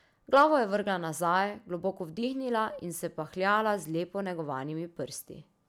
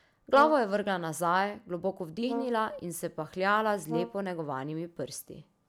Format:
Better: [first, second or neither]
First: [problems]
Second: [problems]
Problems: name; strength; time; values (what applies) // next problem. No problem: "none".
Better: first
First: none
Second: background sound (Brass instrument); 11 dB below the speech